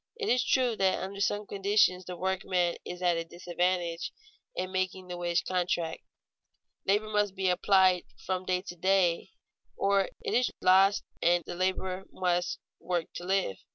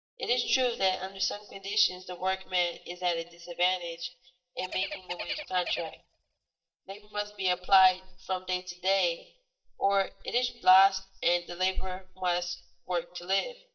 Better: first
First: none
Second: noise reduction (neural mask model DeepFilterNet 3)

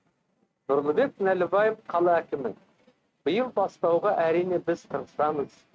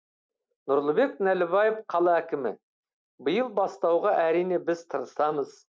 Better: second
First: noise reduction (neural mask model RNNoise)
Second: none

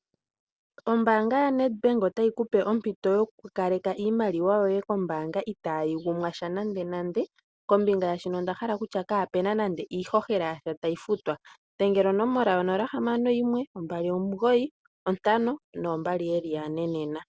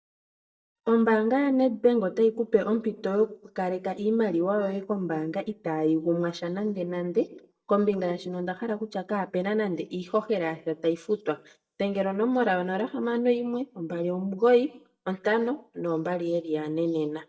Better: first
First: none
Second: noise reduction (neural mask model DeepFilterNet 3)

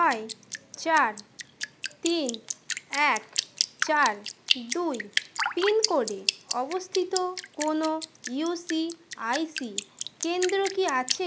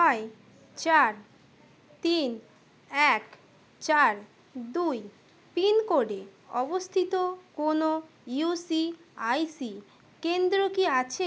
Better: second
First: background sound (Drip); 6 dB below the speech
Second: none

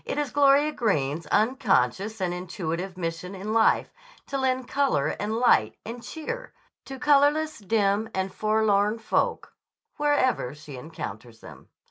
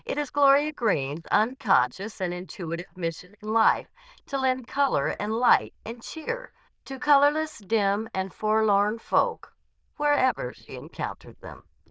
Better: first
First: none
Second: noise reduction (neural diffusion model UNIVERSE++)

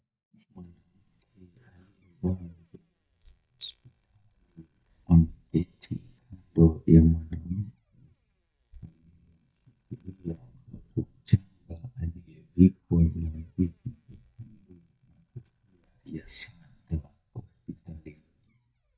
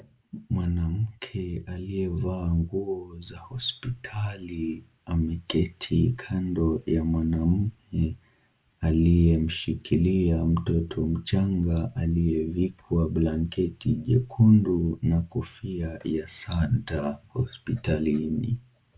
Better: second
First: noise reduction (neural mask model DeepFilterNet 3)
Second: none

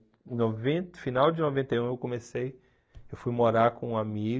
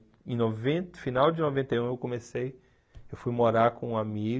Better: second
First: noise reduction (neural mask model DeepFilterNet 3)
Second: none

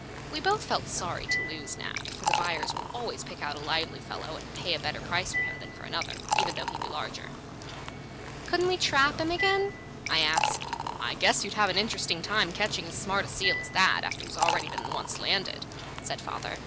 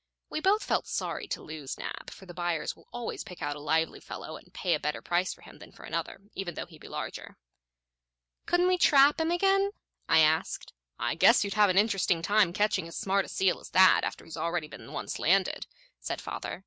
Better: second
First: background sound (Liquid); 4 dB below the speech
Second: none

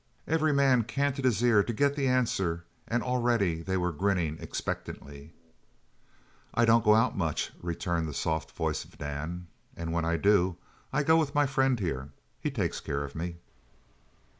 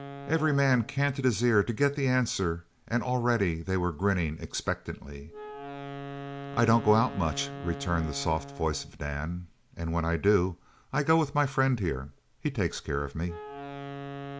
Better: first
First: none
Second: background sound (Wind instrument, woodwind instrument); 15 dB below the speech

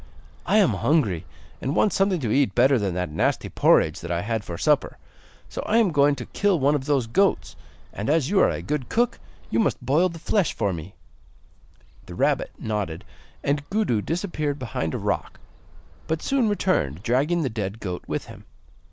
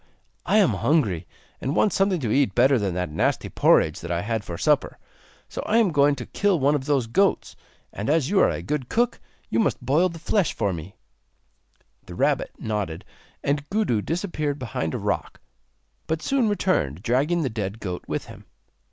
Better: second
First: background sound (Bird); 19 dB below the speech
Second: none

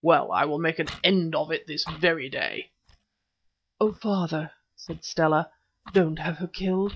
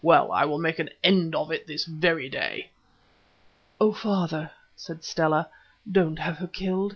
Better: second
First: noise reduction (neural mask model DeepFilterNet 3)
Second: none

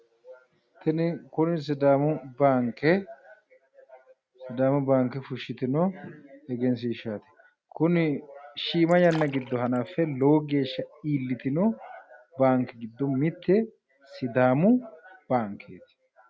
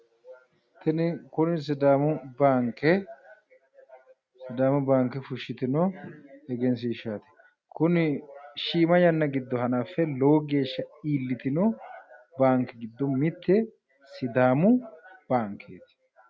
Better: second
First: background sound (Fill (with liquid)); 18 dB below the speech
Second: none

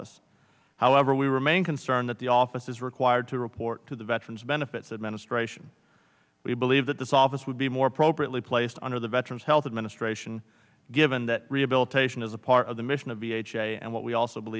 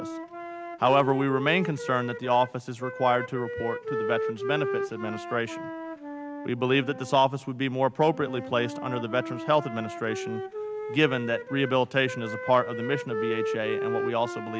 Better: first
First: none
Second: background sound (Wind instrument, woodwind instrument); 7 dB below the speech

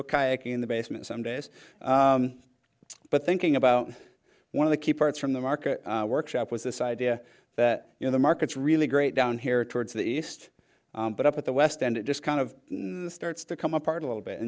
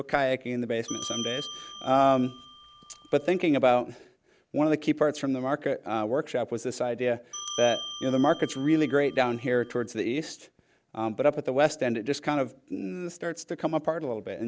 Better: first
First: none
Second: background sound (Bell); 13 dB below the speech

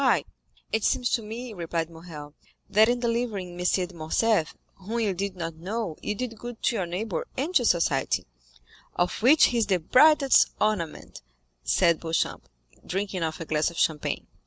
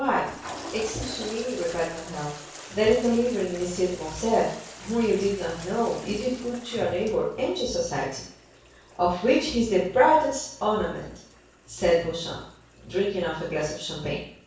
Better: first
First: none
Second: background sound (Toilet flush); 17 dB below the speech // room echo; dies away in 0.6 s

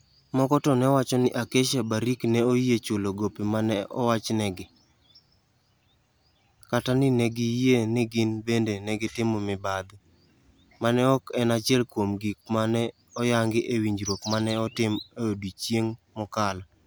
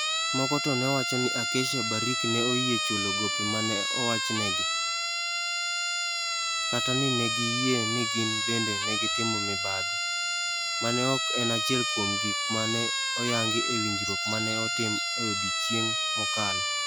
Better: first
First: none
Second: background sound (Siren); 3 dB above the speech

